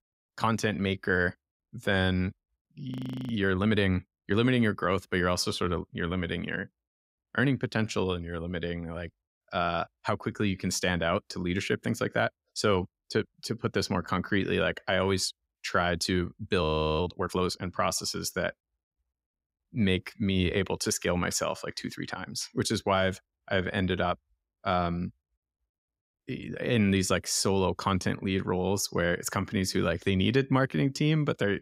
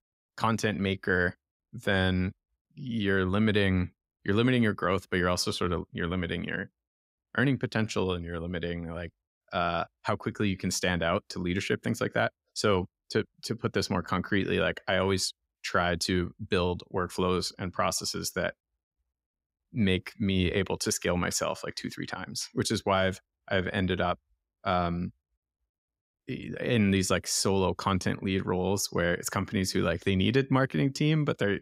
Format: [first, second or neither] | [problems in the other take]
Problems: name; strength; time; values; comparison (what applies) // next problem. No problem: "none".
second | audio freezing; at 3 s and at 17 s